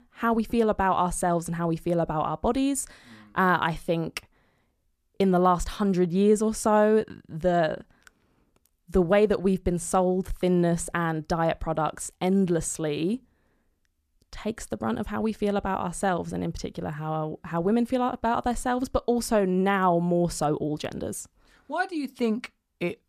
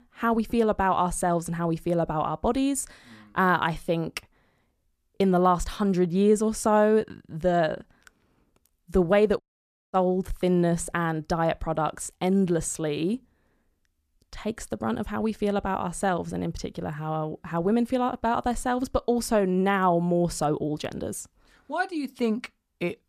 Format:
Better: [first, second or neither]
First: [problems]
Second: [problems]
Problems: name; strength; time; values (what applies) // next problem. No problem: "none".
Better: first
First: none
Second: audio cutting out; at 9.5 s for 0.5 s